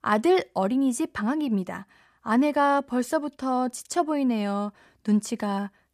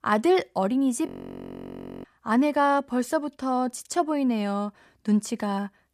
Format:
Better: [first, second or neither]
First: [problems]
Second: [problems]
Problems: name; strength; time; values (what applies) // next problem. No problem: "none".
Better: first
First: none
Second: audio freezing; at 1 s for 1 s